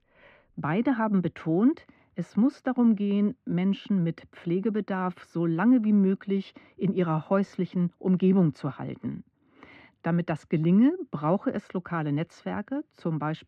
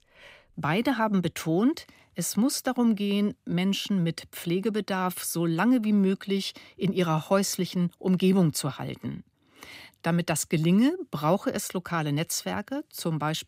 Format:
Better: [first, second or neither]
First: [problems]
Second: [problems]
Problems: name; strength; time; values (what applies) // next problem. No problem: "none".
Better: second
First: muffled; very; fading above 1.5 kHz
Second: none